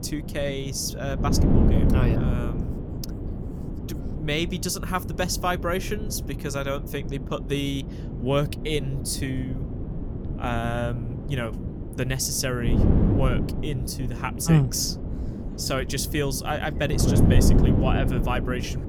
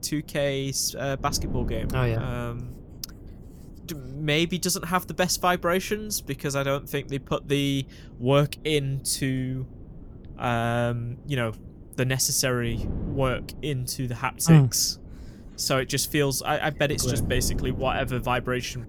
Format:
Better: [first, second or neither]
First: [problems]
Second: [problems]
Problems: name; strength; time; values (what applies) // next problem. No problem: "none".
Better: second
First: wind noise on the microphone; heavy; 6 dB below the speech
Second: wind noise on the microphone; occasional gusts; 20 dB below the speech